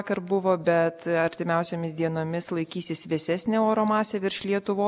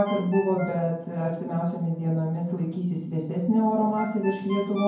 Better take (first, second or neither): first